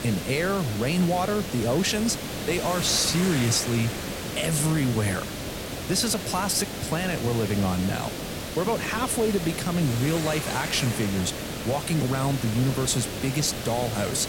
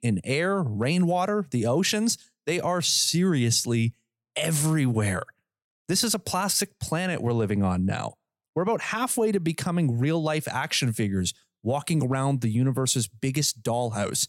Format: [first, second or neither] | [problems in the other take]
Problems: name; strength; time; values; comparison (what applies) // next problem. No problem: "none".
second | hiss; loud; throughout; 6 dB below the speech